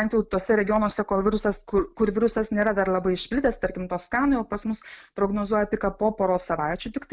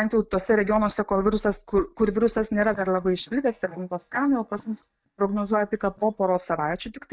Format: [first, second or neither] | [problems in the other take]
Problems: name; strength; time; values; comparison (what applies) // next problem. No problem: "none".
first | noise reduction (neural mask model DeepFilterNet 3)